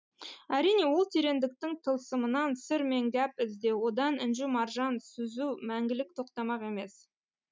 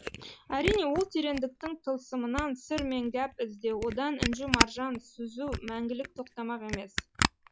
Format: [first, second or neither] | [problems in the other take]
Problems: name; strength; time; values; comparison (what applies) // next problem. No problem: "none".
first | noise reduction (classical method log-MMSE)